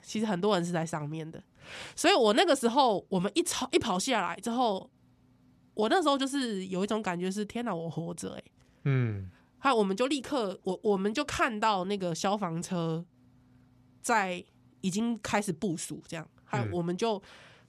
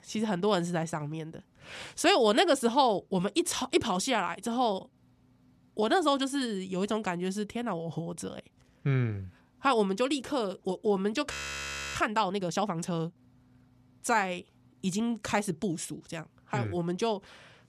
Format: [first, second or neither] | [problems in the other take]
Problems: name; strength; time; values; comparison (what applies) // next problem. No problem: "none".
first | audio freezing; at 11 s for 0.5 s